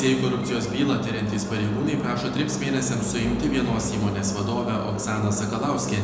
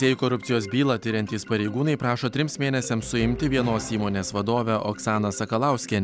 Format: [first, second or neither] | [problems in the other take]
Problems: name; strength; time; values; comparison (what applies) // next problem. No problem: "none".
second | background sound (Engine); 5 dB below the speech // room echo; dies away in 0.9 s